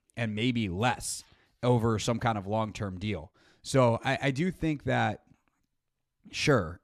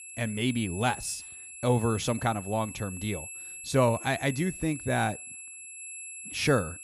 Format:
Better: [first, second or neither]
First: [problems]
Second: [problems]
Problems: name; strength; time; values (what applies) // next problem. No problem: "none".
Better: first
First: none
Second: high-pitched whine; noticeable; throughout; 11 kHz, 10 dB below the speech